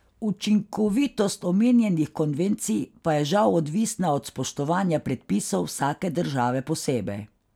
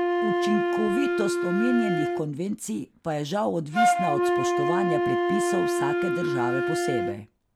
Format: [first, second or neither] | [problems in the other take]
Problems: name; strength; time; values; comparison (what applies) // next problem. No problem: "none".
first | background sound (Wind instrument, woodwind instrument); 4 dB above the speech